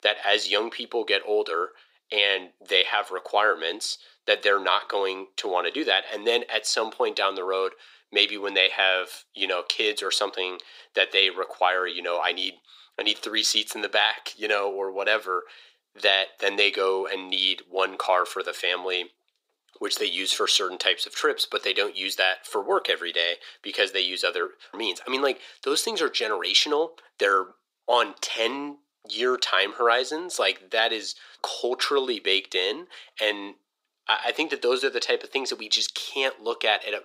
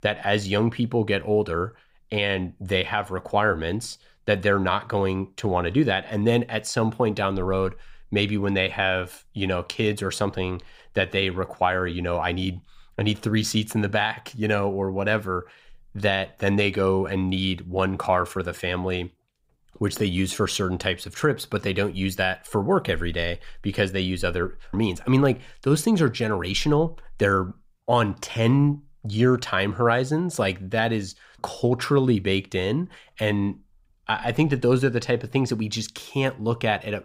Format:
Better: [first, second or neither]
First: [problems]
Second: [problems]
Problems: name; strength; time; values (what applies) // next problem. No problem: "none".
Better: second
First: thin; very; fading below 350 Hz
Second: none